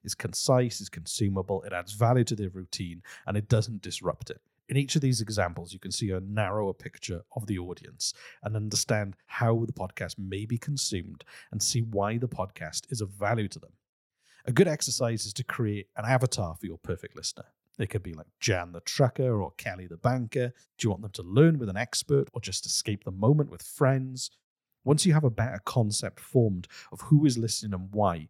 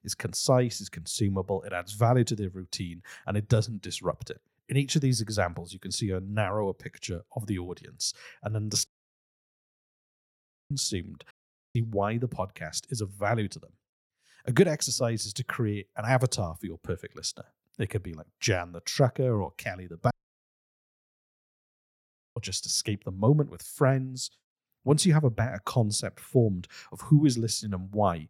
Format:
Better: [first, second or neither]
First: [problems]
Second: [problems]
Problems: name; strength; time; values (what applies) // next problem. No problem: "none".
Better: first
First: none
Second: audio cutting out; at 9 s for 2 s, at 11 s and at 20 s for 2.5 s